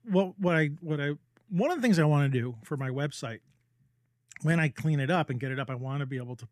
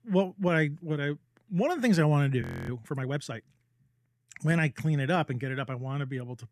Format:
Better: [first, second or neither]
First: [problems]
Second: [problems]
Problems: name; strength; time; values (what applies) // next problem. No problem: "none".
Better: first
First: none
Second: audio freezing; at 2.5 s